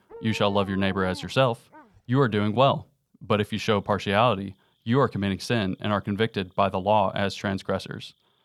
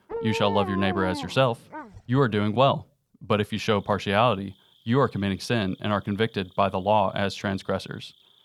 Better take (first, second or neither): first